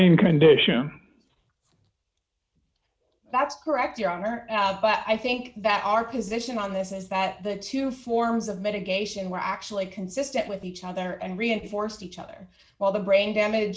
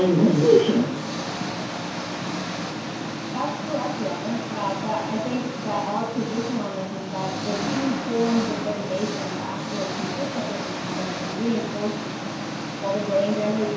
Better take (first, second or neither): first